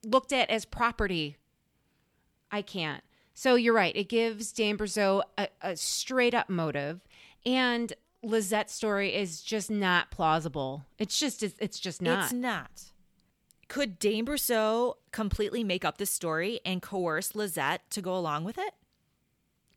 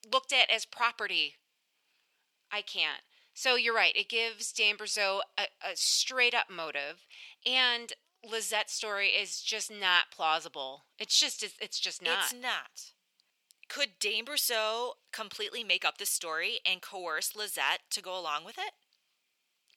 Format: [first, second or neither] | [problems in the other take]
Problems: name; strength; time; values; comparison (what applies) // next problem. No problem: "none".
first | thin; very; fading below 650 Hz